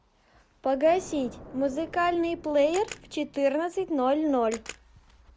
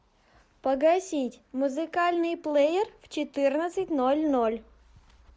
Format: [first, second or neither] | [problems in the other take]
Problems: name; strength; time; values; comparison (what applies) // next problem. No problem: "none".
second | background sound (Camera + Explosion); 18 dB below the speech